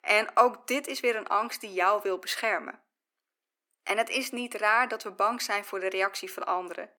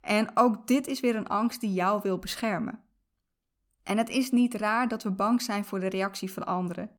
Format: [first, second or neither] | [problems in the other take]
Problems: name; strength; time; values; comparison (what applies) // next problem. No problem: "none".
second | thin; very; fading below 350 Hz